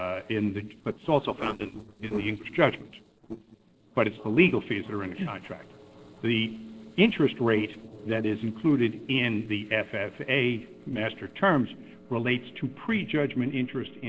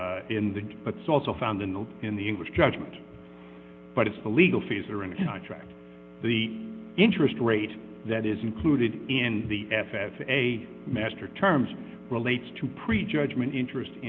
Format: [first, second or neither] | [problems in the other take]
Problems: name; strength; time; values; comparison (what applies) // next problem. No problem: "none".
second | noise reduction (neural separator model SepFormer DNS4)